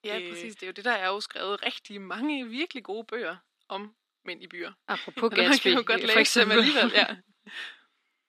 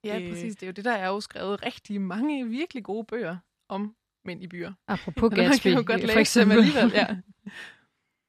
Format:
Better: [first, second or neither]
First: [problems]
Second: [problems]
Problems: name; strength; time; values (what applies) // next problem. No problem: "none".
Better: second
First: thin; somewhat; fading below 300 Hz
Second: none